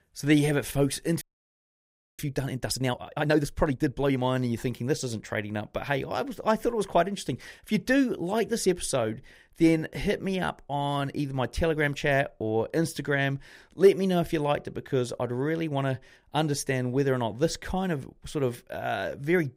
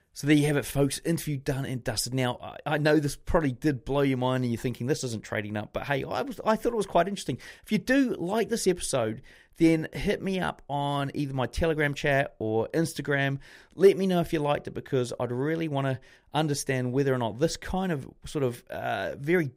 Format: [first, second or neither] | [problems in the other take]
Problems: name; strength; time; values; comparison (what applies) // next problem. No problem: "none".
second | audio freezing; at 1 s for 1 s